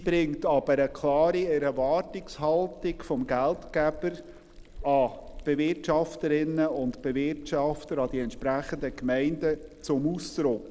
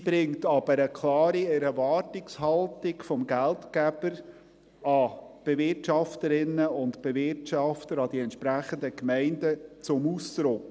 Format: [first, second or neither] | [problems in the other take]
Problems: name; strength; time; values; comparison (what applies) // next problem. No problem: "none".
second | background sound (Liquid); 18 dB below the speech